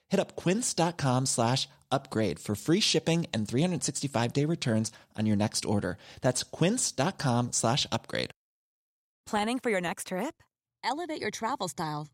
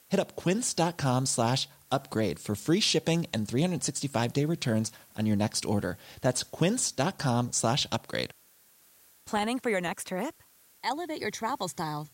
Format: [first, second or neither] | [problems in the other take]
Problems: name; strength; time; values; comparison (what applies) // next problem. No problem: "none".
first | hiss; faint; throughout; 25 dB below the speech